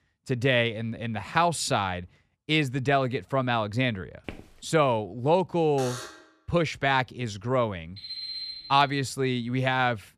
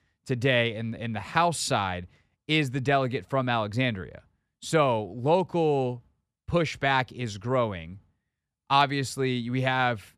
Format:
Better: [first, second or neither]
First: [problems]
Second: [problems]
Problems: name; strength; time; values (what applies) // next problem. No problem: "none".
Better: second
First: footsteps; faint; at 4.5 s; peak 15 dB below the speech // alarm; faint; at 6 s; peak 10 dB below the speech // alarm; noticeable; at 8 s; peak 6 dB below the speech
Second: none